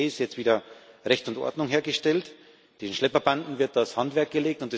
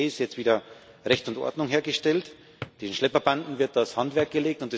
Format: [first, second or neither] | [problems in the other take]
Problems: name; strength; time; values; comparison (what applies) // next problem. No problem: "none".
first | background sound (Drawer open or close); 20 dB below the speech